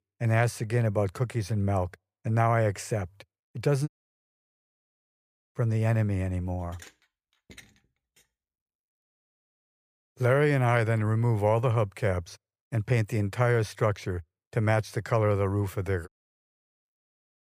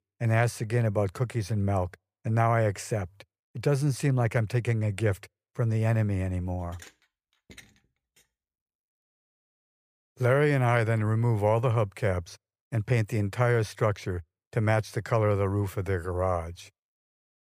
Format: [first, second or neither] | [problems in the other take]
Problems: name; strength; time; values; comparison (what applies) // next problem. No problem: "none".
second | audio cutting out; at 4 s for 1.5 s and at 16 s for 0.5 s